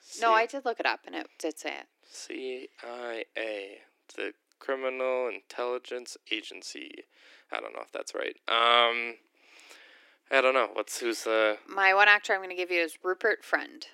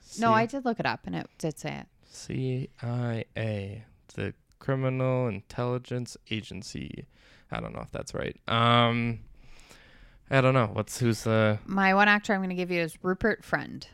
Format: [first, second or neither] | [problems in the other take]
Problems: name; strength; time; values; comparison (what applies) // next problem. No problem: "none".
second | thin; very; fading below 300 Hz